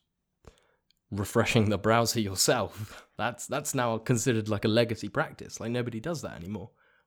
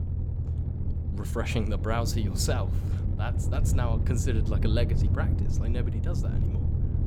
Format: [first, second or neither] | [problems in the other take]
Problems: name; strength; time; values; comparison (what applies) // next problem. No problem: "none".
first | low rumble; loud; throughout; 7 dB below the speech